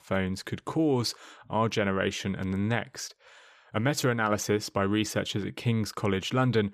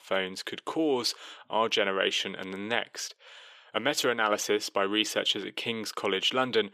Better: first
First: none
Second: thin; somewhat; fading below 400 Hz

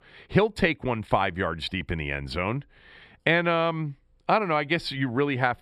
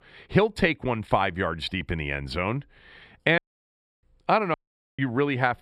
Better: first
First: none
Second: audio cutting out; at 3.5 s for 0.5 s and at 4.5 s

